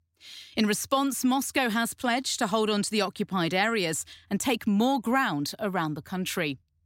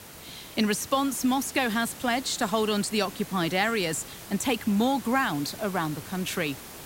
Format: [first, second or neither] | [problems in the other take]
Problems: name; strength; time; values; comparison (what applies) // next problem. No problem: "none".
first | hiss; noticeable; throughout; 15 dB below the speech